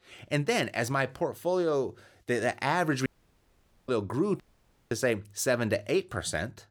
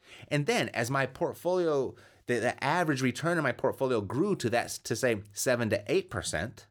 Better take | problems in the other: second | audio cutting out; at 3 s for 1 s and at 4.5 s for 0.5 s

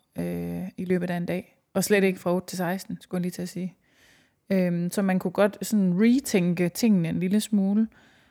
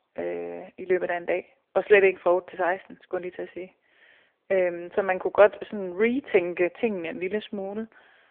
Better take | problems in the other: first | phone-call audio; poor line; nothing above 3.5 kHz

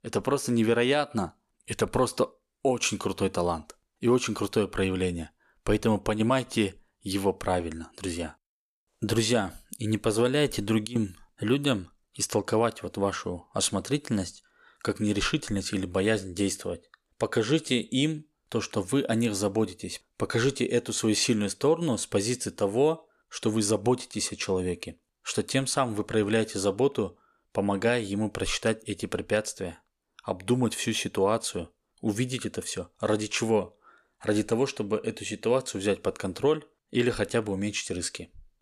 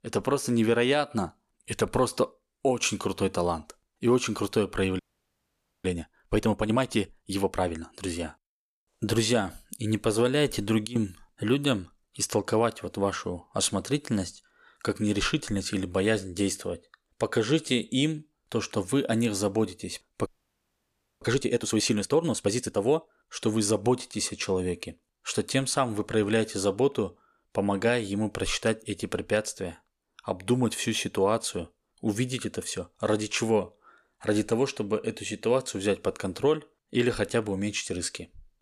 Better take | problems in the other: first | audio freezing; at 5 s for 1 s and at 20 s for 1 s

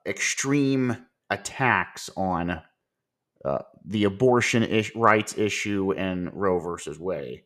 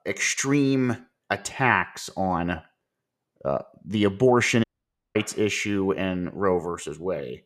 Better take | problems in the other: first | audio cutting out; at 4.5 s for 0.5 s

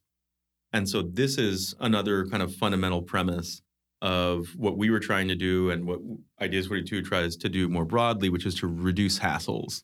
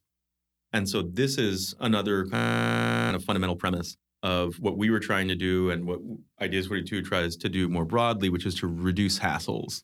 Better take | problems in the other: first | audio freezing; at 2.5 s for 0.5 s

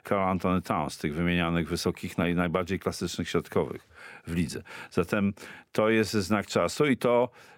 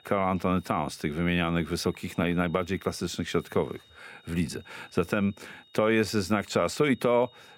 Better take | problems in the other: first | high-pitched whine; faint; throughout; 3.5 kHz, 25 dB below the speech

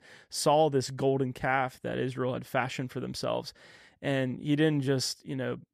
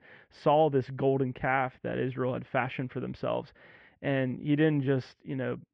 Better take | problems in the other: first | muffled; very; fading above 2.5 kHz

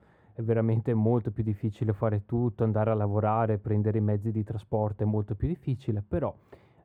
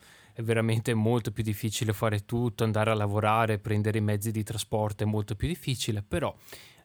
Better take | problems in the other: second | muffled; very; fading above 2 kHz

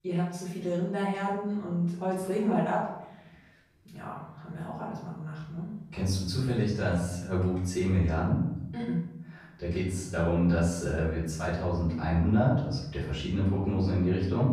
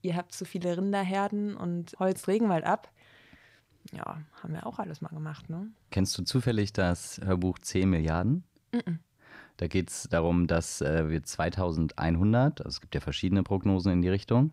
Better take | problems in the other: second | room echo; noticeable; dies away in 0.8 s // off-mic speech; far

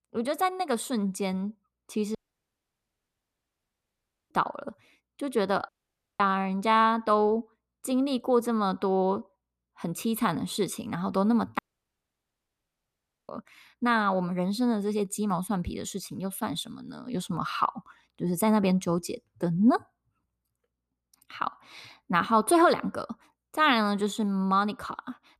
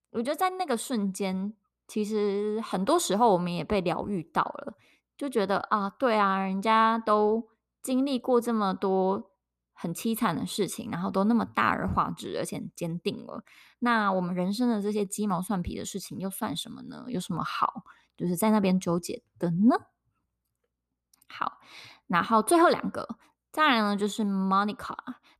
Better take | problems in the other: second | audio cutting out; at 2 s for 2 s, at 5.5 s for 0.5 s and at 12 s for 1.5 s

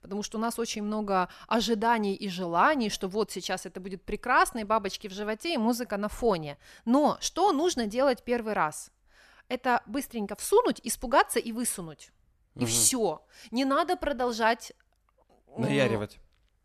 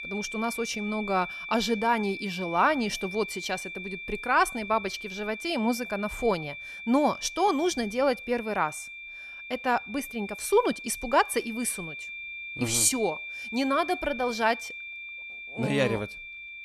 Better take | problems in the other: first | high-pitched whine; loud; throughout; 2.5 kHz, 9 dB below the speech

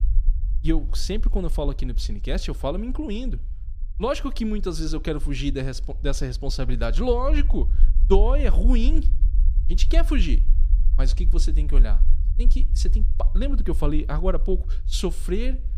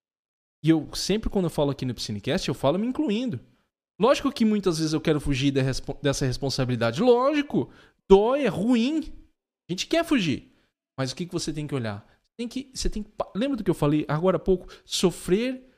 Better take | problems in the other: second | low rumble; noticeable; throughout; 20 dB below the speech

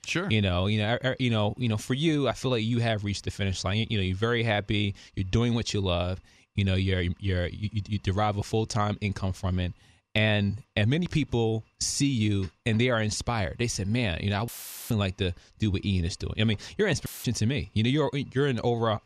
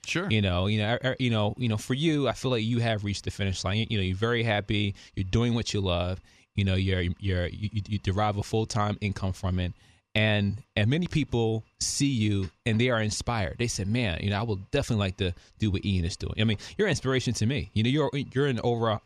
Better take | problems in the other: second | audio cutting out; filled with static; at 14 s and at 17 s

